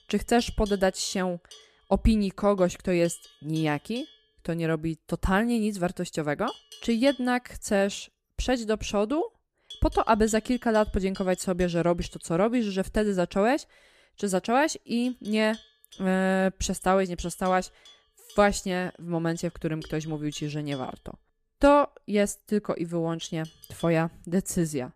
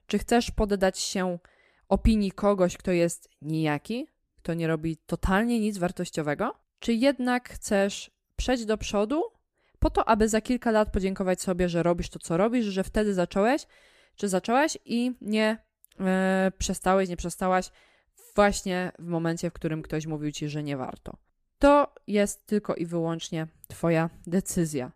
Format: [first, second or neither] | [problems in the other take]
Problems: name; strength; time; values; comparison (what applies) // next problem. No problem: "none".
second | animal sounds; faint; throughout; 20 dB below the speech